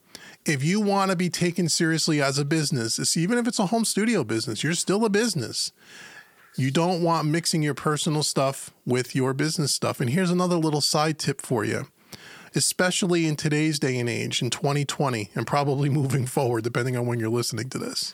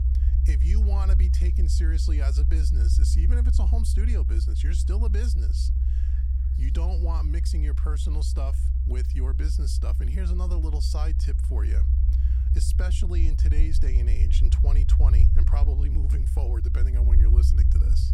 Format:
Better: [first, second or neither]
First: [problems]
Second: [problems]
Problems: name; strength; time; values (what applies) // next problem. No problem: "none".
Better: first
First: none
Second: low rumble; loud; throughout; 2 dB below the speech